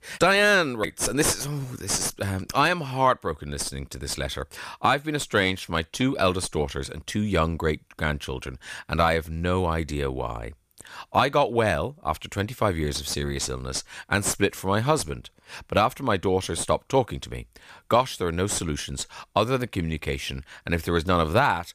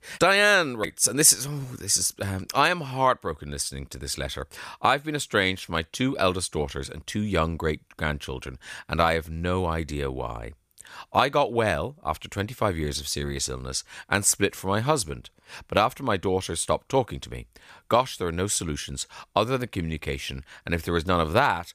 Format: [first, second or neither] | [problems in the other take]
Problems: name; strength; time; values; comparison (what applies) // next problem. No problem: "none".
second | distortion; slight; 9 dB below the speech